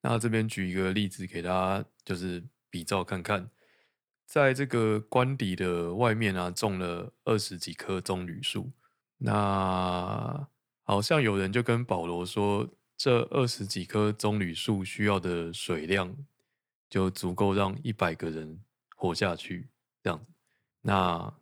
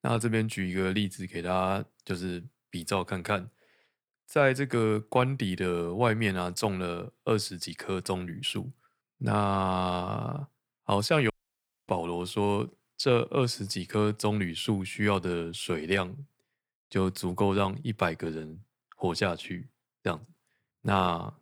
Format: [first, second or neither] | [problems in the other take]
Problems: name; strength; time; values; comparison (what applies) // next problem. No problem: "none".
first | audio cutting out; at 11 s for 0.5 s